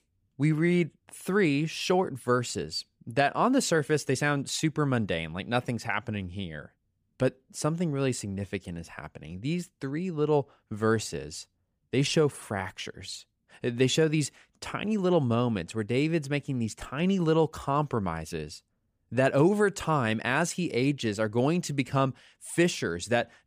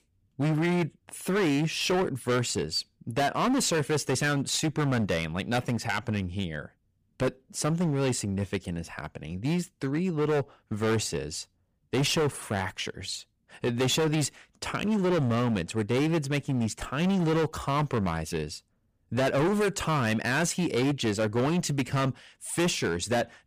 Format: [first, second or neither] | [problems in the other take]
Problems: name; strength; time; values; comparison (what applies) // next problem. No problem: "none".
first | distortion; heavy; 15% of the sound clipped